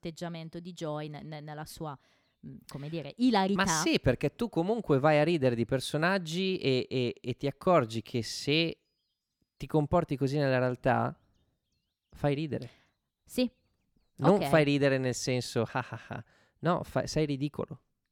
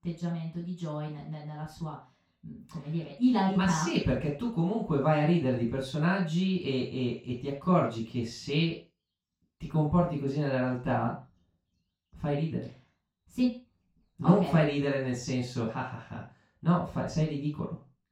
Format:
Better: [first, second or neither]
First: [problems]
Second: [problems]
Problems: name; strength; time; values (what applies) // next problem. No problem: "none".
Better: first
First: none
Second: room echo; noticeable; dies away in 0.3 s // off-mic speech; far